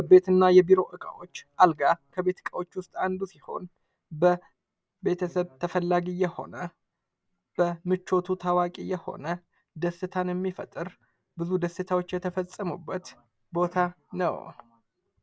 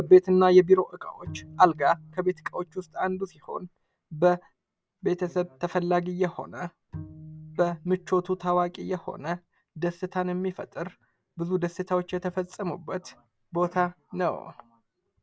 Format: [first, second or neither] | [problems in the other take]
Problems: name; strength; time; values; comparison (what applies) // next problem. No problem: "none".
first | background sound (Bowed string instrument); 18 dB below the speech